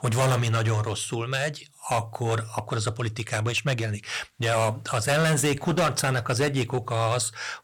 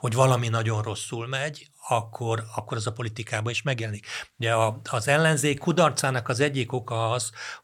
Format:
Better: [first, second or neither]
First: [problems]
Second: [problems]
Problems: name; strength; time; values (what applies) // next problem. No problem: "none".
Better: second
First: distortion; heavy; 9% of the sound clipped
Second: none